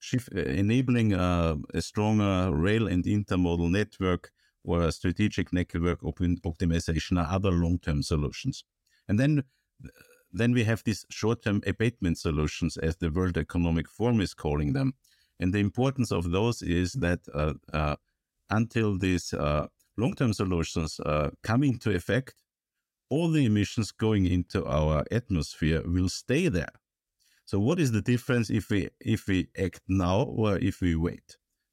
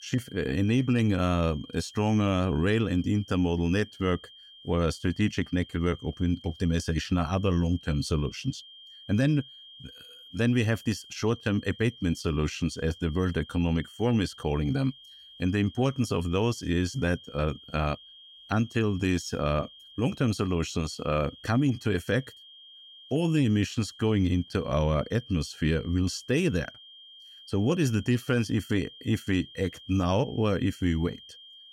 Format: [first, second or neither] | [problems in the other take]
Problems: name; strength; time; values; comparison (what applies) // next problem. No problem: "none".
first | high-pitched whine; noticeable; throughout; 3 kHz, 20 dB below the speech